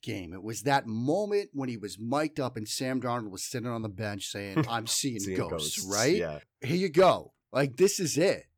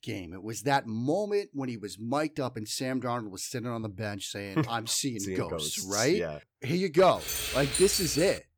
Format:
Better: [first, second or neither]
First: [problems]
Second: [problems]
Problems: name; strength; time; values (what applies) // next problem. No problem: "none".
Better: first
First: none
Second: jangling keys; loud; from 7 s on; peak 2 dB above the speech